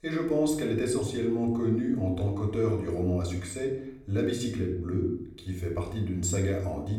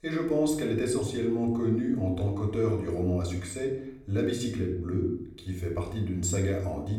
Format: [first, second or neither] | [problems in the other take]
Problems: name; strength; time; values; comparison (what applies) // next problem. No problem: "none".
neither | off-mic speech; somewhat distant; the same in both // room echo; noticeable; dies away in 0.6 s; the same in both